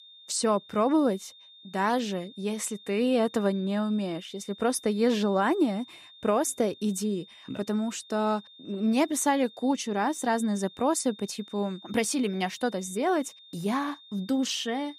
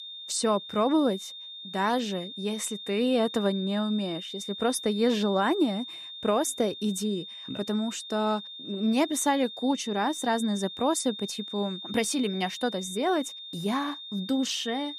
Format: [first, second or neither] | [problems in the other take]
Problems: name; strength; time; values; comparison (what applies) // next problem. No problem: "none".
first | high-pitched whine; loud; throughout; 3.5 kHz, 10 dB below the speech; faint in the first